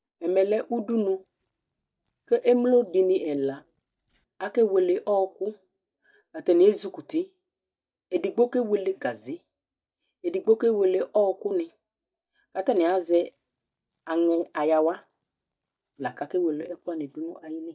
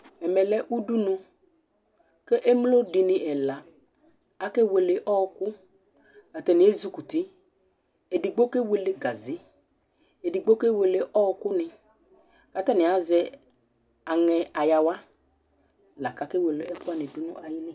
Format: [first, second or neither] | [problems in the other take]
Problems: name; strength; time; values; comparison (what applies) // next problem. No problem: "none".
second | noise reduction (neural mask model DeepFilterNet 3)